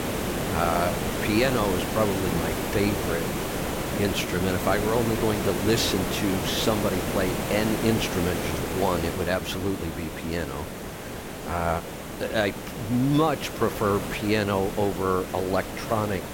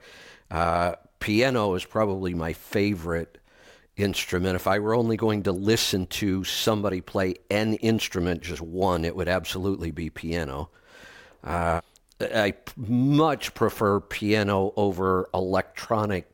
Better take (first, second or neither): second